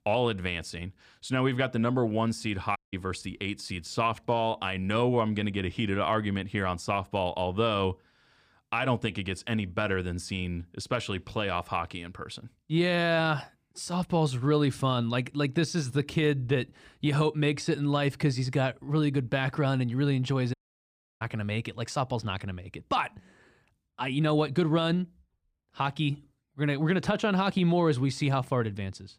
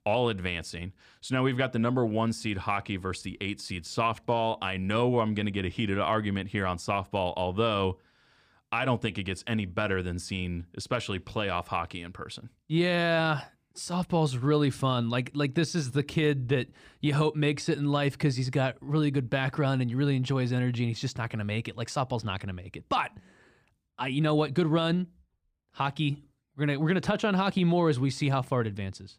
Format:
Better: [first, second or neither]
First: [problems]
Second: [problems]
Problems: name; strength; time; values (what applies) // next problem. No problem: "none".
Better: second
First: audio cutting out; at 3 s and at 21 s for 0.5 s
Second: none